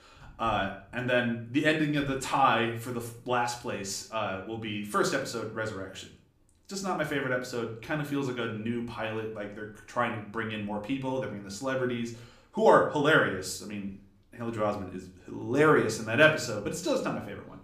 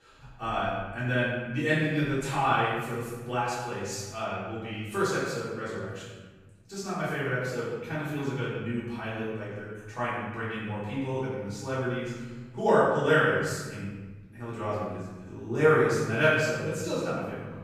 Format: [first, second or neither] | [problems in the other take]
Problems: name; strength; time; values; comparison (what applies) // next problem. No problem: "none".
first | room echo; strong; dies away in 1.3 s; slight in the first // off-mic speech; far; somewhat distant in the first